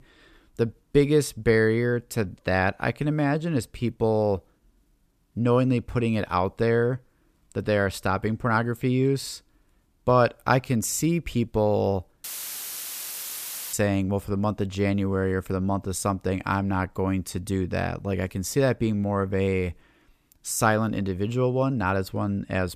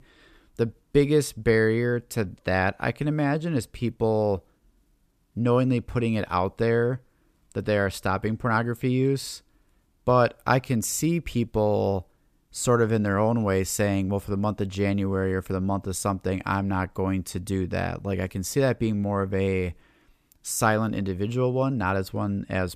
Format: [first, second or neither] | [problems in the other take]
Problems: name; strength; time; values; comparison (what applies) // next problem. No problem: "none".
second | audio cutting out; filled with static; at 12 s for 1.5 s